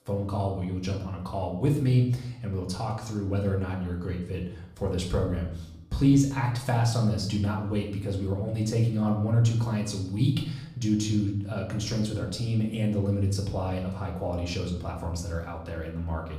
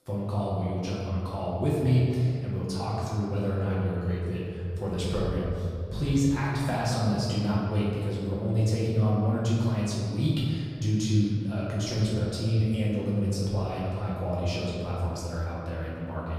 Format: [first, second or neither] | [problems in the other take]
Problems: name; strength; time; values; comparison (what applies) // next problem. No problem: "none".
first | room echo; strong; dies away in 2 s; slight in the first // off-mic speech; far; far in the first